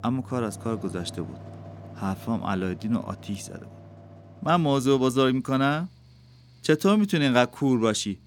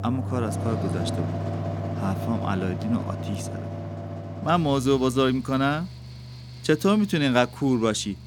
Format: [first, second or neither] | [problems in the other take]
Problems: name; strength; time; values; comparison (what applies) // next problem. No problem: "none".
first | machinery noise; loud; throughout; 8 dB below the speech; faint in the first